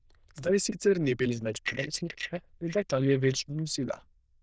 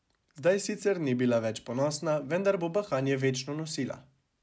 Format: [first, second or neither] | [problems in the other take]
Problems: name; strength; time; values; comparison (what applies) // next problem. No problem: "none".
second | noise reduction (neural diffusion model UNIVERSE++)